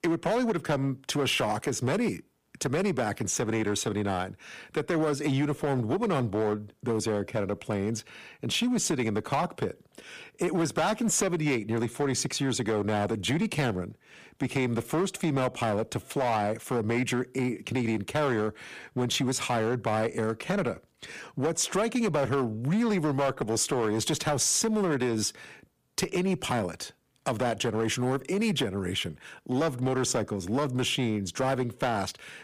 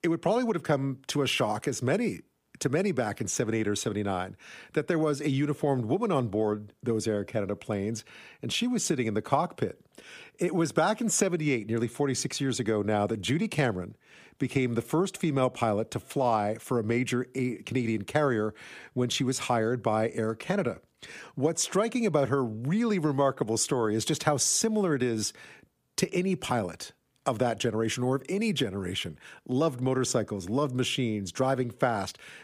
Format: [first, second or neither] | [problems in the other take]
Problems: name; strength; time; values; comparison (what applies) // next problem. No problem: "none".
second | distortion; slight; 10% of the sound clipped